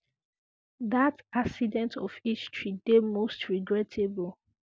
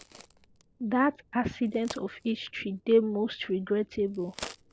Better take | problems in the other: first | background sound (Crack); 19 dB below the speech

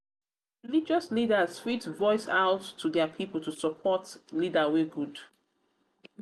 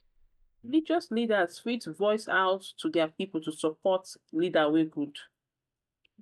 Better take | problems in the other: first | noise reduction (neural mask model DeepFilterNet 3)

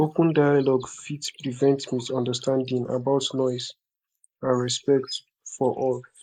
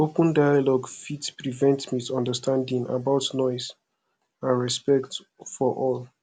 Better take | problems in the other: second | noise reduction (neural mask model Resemble Enhance denoiser)

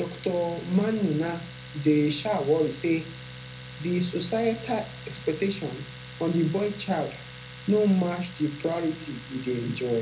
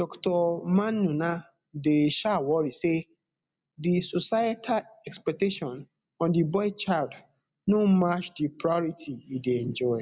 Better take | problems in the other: second | background sound (Domestic sounds, home sounds); 15 dB below the speech // room echo; dies away in 0.3 s

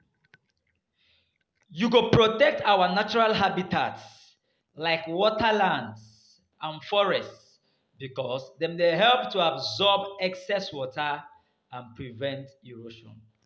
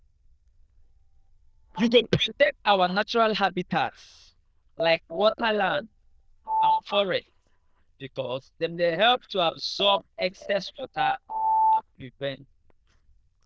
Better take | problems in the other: first | noise reduction (neural diffusion model UNIVERSE++)

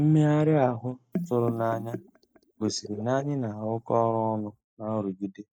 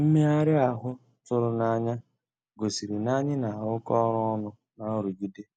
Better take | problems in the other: second | noise reduction (neural mask model DeepFilterNet 3)

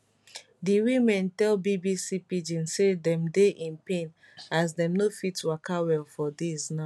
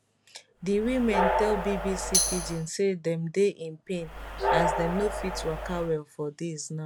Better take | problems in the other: first | background sound (Tambourine + Train); as loud as the speech

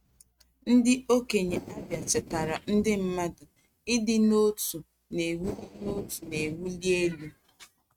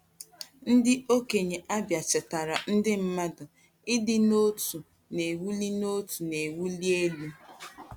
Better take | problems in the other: second | noise reduction (neural mask model RNNoise)

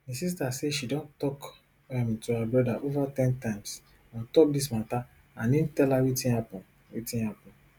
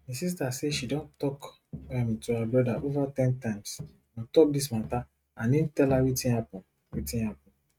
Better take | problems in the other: first | noise reduction (neural mask model RNNoise)

